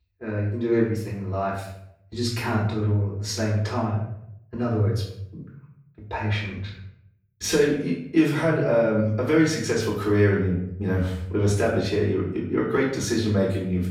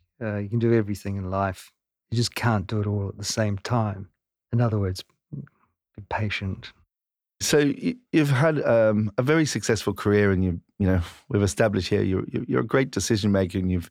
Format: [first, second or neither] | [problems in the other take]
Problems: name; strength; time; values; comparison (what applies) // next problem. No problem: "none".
second | off-mic speech; far // room echo; noticeable; dies away in 0.6 s